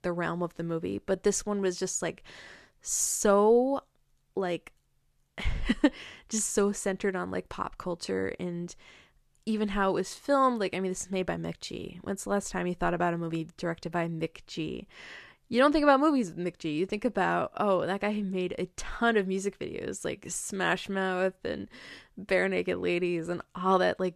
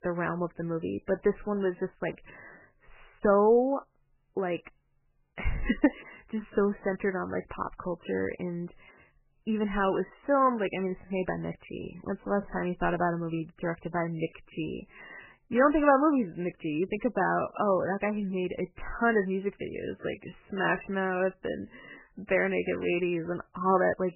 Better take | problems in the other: first | garbled, watery; badly; nothing above 3 kHz

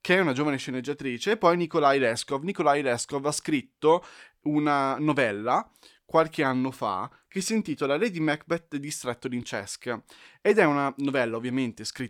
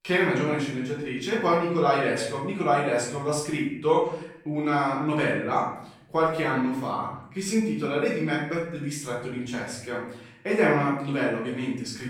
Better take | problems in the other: first | off-mic speech; far // room echo; noticeable; dies away in 0.8 s

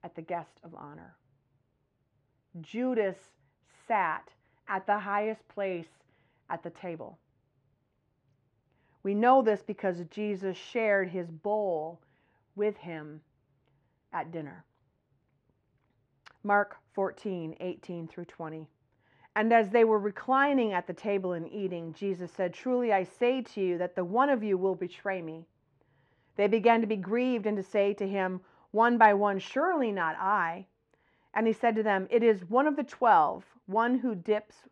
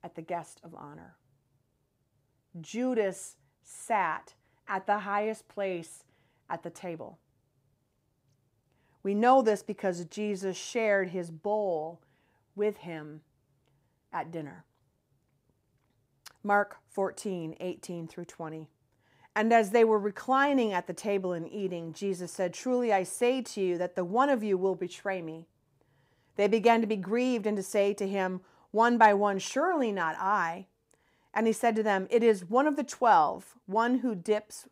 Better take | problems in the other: second | muffled; slightly; fading above 2.5 kHz

